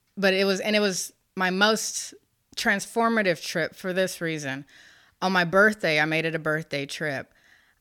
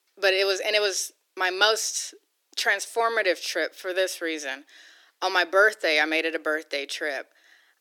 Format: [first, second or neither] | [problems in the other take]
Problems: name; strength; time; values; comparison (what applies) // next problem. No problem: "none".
first | thin; very; fading below 300 Hz